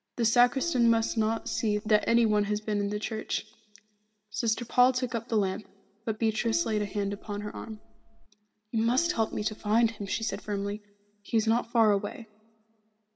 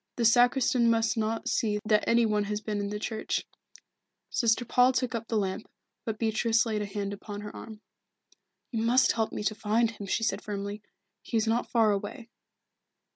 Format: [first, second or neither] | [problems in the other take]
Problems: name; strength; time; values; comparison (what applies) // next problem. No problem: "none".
second | background sound (Gong); 17 dB below the speech // room echo; dies away in 1.1 s